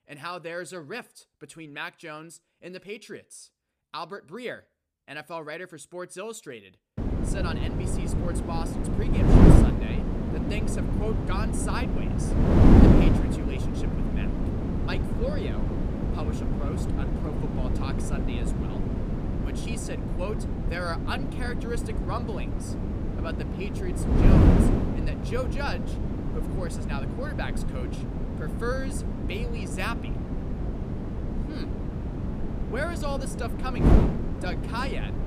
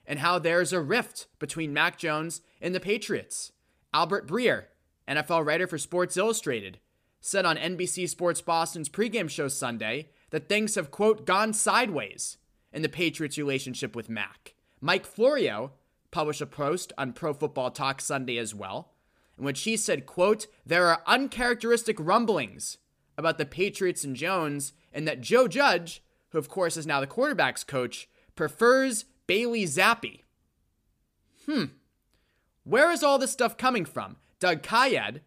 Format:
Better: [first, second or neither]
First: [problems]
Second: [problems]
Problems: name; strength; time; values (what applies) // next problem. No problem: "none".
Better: second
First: wind noise on the microphone; heavy; from 7 s on; 3 dB above the speech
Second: none